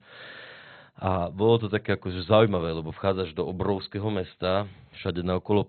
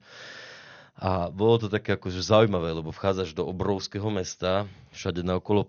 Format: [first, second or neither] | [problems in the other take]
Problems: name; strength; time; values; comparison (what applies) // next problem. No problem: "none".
second | garbled, watery; badly; nothing above 4 kHz; slightly in the second